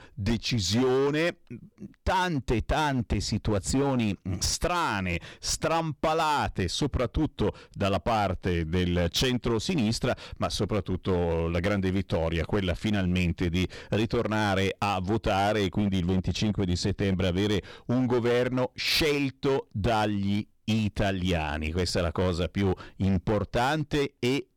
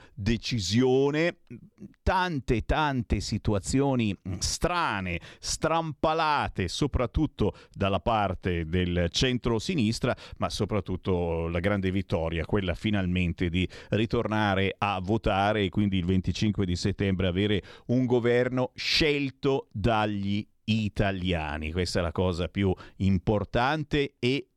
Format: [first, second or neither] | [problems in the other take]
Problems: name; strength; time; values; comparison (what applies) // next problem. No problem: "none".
second | distortion; slight; 13% of the sound clipped